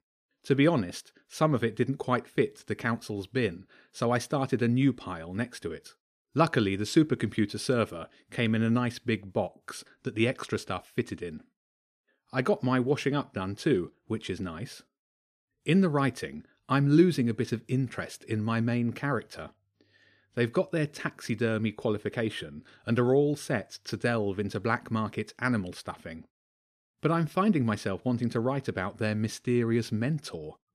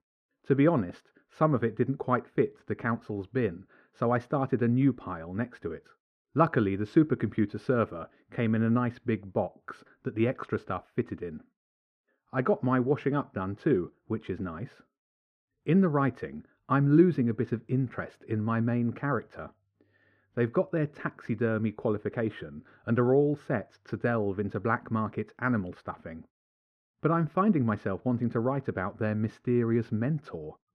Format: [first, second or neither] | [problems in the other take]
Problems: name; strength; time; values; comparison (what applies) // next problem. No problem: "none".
first | muffled; very; fading above 3 kHz